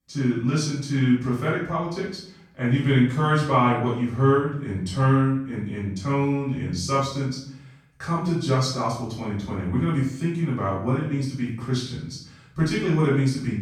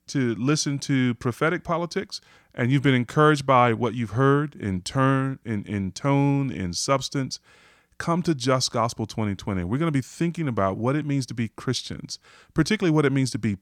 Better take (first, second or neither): second